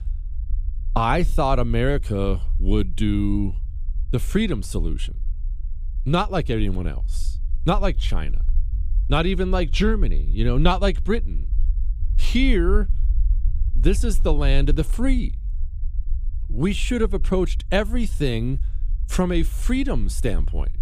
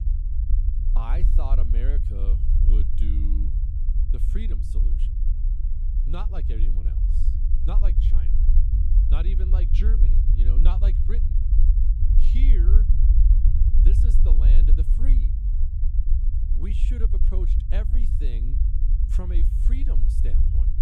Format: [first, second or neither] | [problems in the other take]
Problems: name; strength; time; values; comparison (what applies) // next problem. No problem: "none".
first | low rumble; loud; throughout; 1 dB below the speech; faint in the first